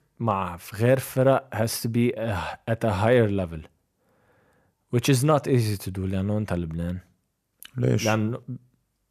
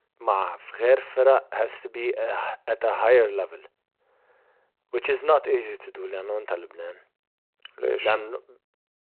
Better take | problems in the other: first | phone-call audio; nothing above 4 kHz

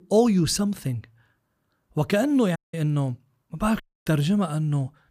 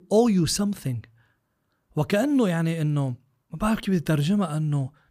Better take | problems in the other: second | audio cutting out; at 2.5 s and at 4 s

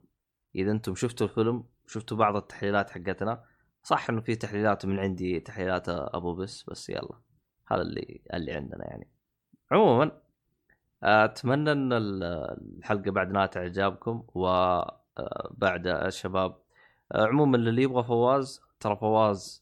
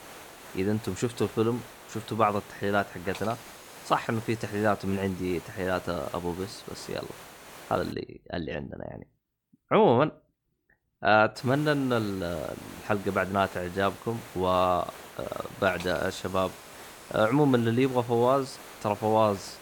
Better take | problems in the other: first | hiss; noticeable; until 8 s and from 11 s on; 15 dB below the speech

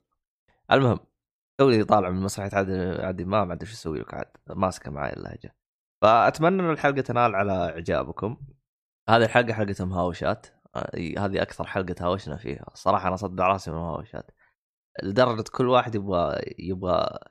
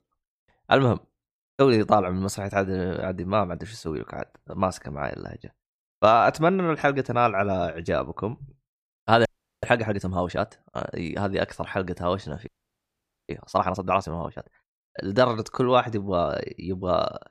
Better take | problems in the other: first | audio freezing; at 9.5 s and at 12 s for 1 s

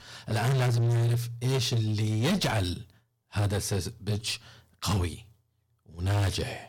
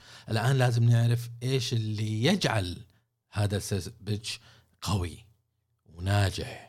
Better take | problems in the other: second | distortion; heavy; 16% of the sound clipped

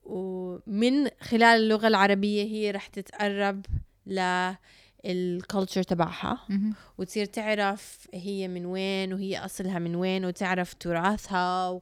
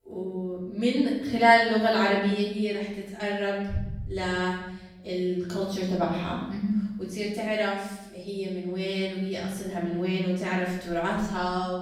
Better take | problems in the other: first | off-mic speech; far // room echo; noticeable; dies away in 1 s

